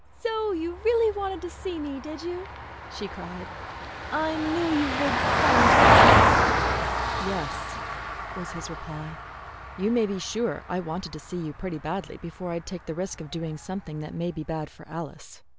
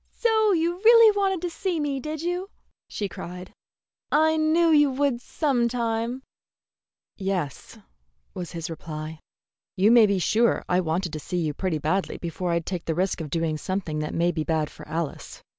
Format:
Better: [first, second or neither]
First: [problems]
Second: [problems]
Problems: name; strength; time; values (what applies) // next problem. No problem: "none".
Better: second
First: background sound (Vehicle); 4 dB above the speech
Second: none